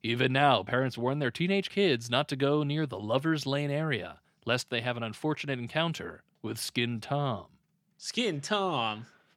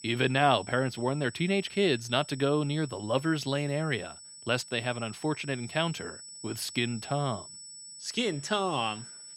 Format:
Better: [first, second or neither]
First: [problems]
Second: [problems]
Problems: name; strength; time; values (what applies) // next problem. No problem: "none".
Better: first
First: none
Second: high-pitched whine; noticeable; throughout; 8 kHz, 15 dB below the speech